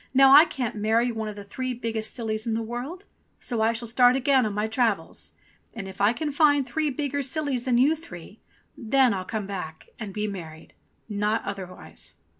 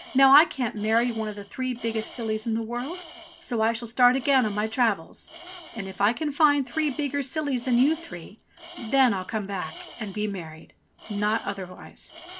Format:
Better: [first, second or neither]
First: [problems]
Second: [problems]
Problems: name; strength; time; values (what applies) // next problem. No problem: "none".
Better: first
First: none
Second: background sound (Tools); 20 dB below the speech